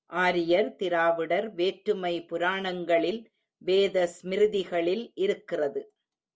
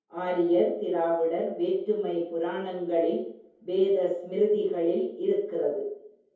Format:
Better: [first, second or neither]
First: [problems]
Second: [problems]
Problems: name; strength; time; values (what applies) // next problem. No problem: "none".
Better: first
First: none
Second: room echo; dies away in 0.7 s